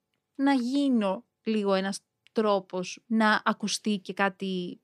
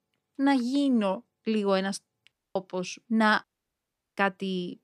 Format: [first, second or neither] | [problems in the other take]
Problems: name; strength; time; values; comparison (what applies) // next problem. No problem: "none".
first | audio cutting out; at 2.5 s and at 3.5 s for 0.5 s